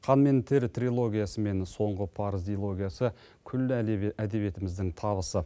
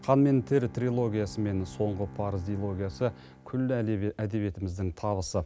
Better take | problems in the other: first | background sound (Bowed string instrument); 19 dB below the speech

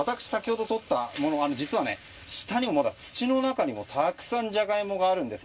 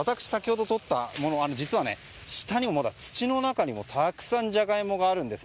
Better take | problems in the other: second | room echo; dies away in 0.1 s

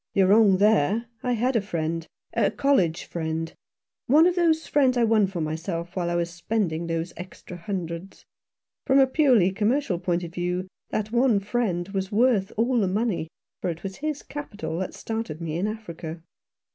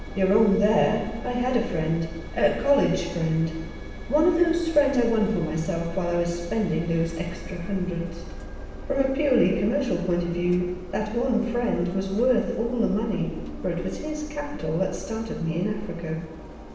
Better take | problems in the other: first | background sound (Engine); 11 dB below the speech // room echo; dies away in 0.9 s

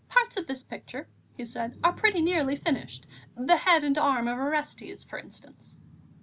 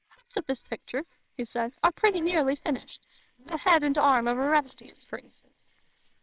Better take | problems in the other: first | noise reduction (neural separator model SepFormer WHAMR!)

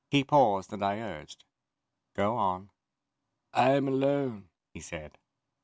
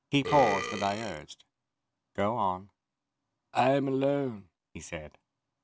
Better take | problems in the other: first | background sound (Burping, eructation); 6 dB below the speech

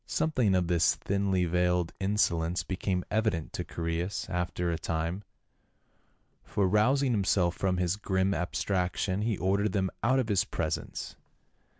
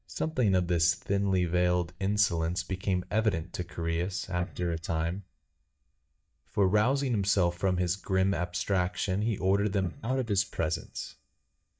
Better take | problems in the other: first | noise reduction (neural mask model DeepFilterNet 3)

